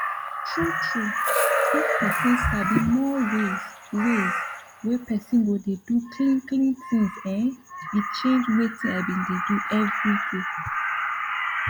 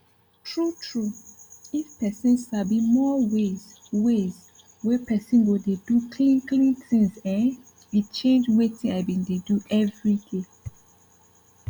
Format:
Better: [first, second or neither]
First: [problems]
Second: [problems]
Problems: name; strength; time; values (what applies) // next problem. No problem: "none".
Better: second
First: background sound (Crow); 2 dB below the speech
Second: none